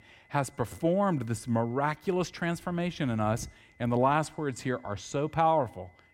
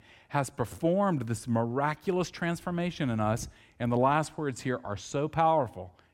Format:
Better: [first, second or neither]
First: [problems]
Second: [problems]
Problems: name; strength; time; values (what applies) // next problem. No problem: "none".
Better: second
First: high-pitched whine; faint; throughout; 2 kHz, 30 dB below the speech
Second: none